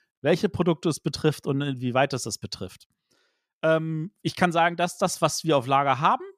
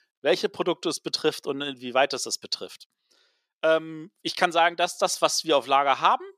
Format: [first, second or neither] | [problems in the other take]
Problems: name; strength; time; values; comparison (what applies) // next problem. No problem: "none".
first | thin; somewhat; fading below 450 Hz